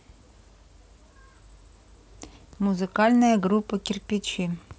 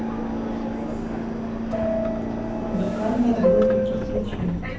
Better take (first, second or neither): first